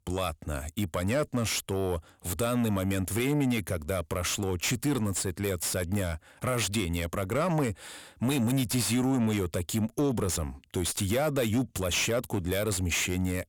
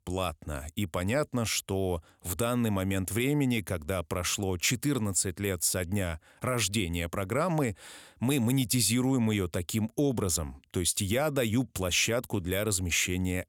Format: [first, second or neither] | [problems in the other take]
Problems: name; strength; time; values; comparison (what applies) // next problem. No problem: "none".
second | distortion; slight; 10 dB below the speech